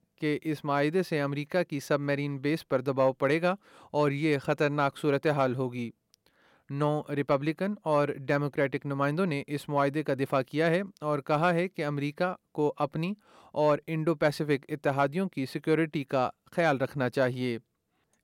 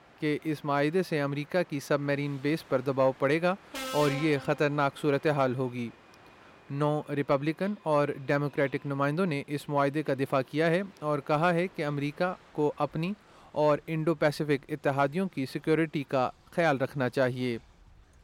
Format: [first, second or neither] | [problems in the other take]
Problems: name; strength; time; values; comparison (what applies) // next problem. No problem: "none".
first | train or aircraft noise; noticeable; throughout; 20 dB below the speech